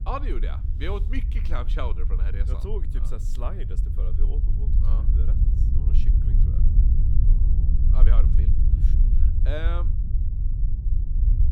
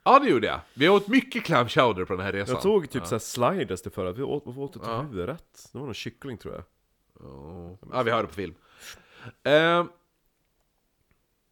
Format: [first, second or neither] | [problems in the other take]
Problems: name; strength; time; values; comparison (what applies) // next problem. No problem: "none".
second | low rumble; loud; throughout; 5 dB below the speech